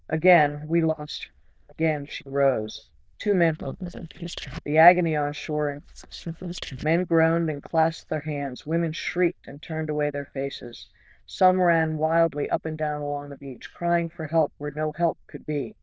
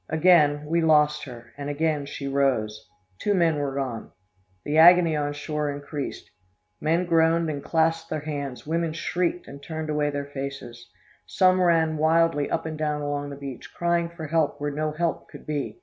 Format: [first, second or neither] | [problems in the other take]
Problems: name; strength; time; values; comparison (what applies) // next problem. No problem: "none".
second | noise reduction (neural diffusion model UNIVERSE++)